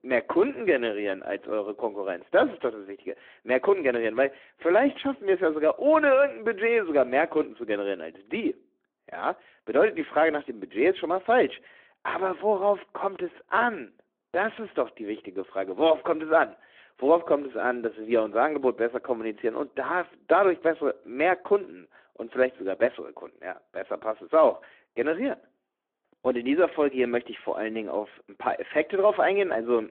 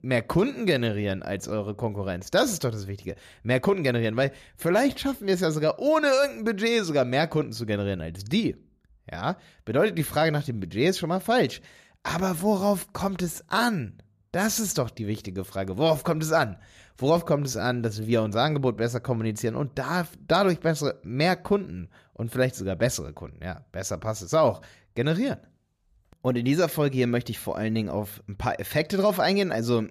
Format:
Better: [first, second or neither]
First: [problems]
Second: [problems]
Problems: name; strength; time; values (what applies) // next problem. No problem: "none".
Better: second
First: phone-call audio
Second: none